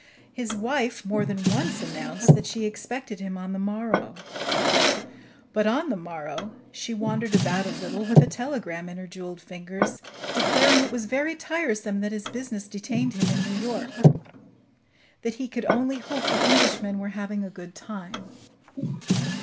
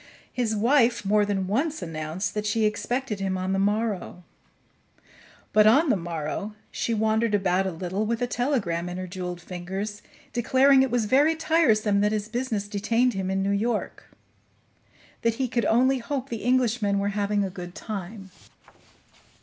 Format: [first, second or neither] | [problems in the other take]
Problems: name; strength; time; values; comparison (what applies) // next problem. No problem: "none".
second | background sound (Drawer open or close); 2 dB above the speech